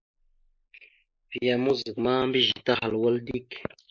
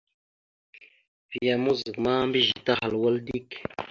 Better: second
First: noise reduction (neural mask model Resemble Enhance denoiser)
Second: none

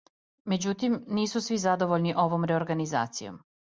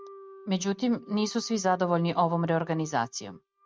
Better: first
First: none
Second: noise reduction (neural mask model RNNoise)

